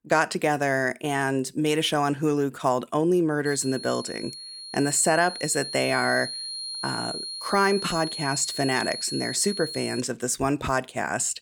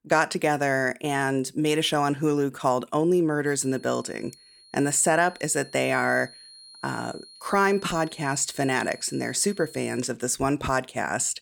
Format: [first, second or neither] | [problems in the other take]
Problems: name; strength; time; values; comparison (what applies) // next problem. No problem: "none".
second | high-pitched whine; loud; from 3.5 to 10 s; 4 kHz, 8 dB below the speech; faint in the second